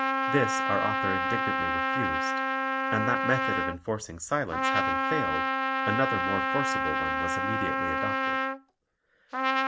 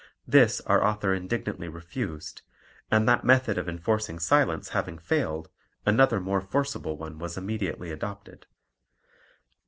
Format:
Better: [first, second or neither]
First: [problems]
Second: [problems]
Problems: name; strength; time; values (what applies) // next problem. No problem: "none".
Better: second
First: background sound (Trumpet); 5 dB above the speech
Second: none